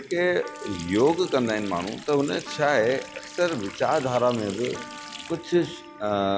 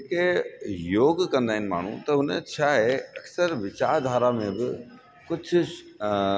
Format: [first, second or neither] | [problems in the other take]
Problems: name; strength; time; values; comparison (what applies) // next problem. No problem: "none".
second | background sound (Trumpet + Water tap, faucet); 16 dB below the speech